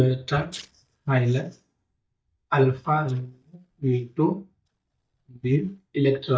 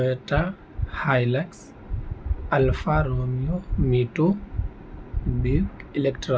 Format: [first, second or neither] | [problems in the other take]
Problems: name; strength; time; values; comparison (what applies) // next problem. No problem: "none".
second | noise reduction (neural mask model DeepFilterNet 3)